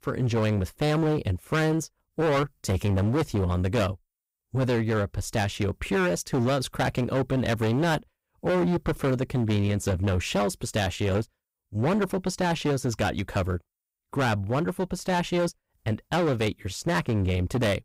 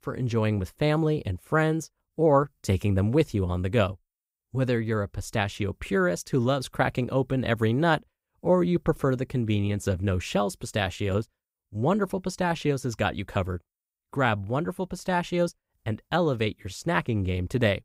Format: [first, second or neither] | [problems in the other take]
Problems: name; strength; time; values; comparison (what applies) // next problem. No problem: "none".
second | distortion; heavy; 17% of the sound clipped